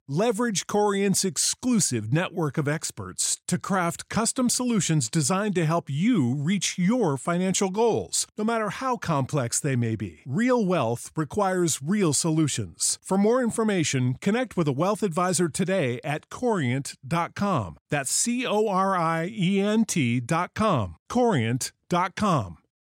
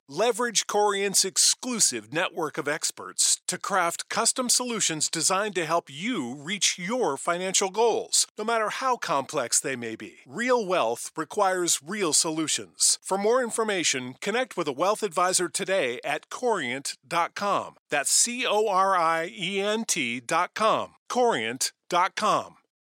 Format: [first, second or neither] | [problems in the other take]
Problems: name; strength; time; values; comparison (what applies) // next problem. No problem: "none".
first | thin; somewhat; fading below 450 Hz